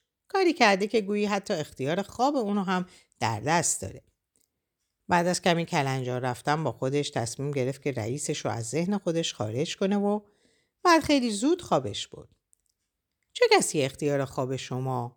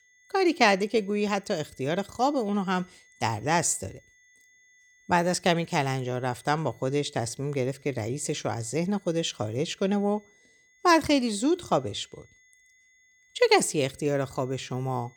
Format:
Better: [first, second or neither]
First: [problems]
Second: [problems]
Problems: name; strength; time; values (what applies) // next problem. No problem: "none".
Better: first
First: none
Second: high-pitched whine; faint; throughout; 2 kHz, 30 dB below the speech